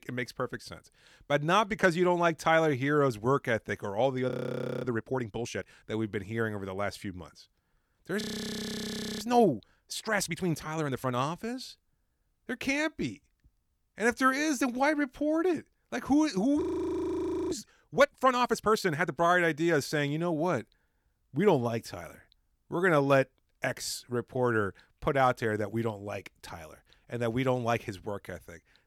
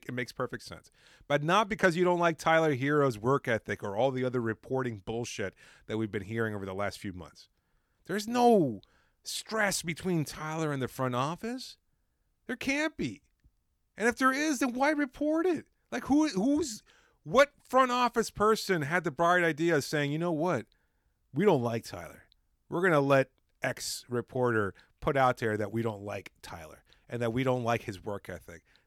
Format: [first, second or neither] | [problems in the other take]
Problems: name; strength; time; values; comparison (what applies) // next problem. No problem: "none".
second | audio freezing; at 4.5 s for 0.5 s, at 8 s for 1 s and at 17 s for 1 s